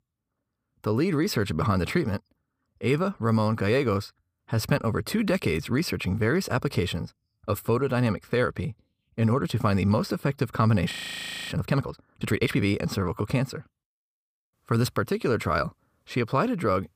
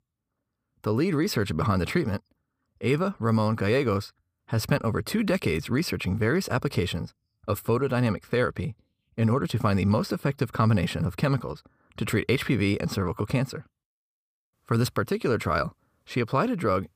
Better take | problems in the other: second | audio freezing; at 11 s for 0.5 s

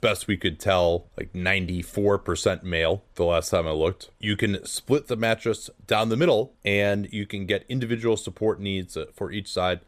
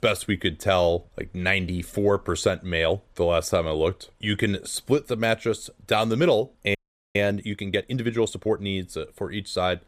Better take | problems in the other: first | audio freezing; at 7 s

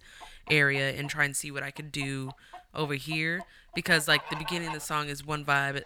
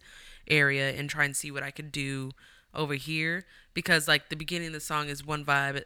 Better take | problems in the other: second | animal sounds; noticeable; throughout; 15 dB below the speech

